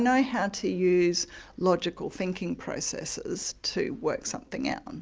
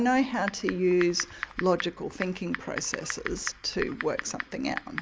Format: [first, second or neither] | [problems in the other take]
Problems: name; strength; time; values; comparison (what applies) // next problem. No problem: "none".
first | background sound (Typing); 10 dB below the speech